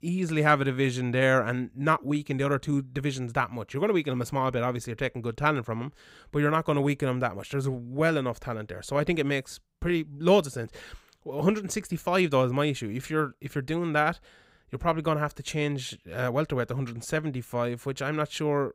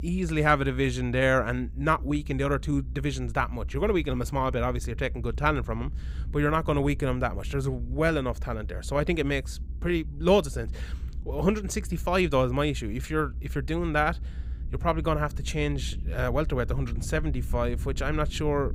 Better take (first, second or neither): first